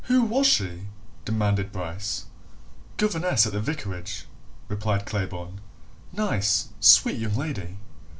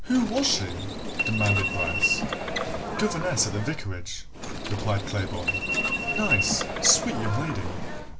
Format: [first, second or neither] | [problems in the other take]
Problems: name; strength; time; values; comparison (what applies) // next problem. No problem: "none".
first | background sound (Subway, metro, underground); 2 dB below the speech